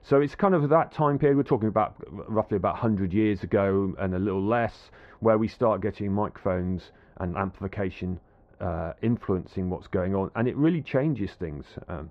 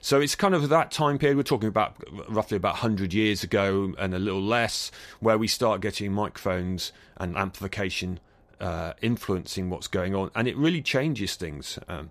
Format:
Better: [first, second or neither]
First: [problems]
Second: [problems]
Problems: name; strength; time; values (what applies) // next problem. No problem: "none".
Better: second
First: muffled; very; fading above 4 kHz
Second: none